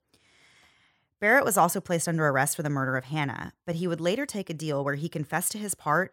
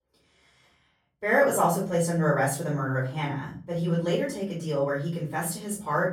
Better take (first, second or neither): first